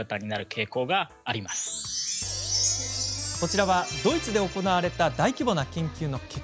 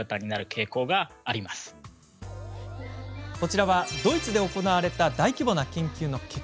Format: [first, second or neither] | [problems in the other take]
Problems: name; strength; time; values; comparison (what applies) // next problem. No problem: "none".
second | background sound (Chime); 4 dB below the speech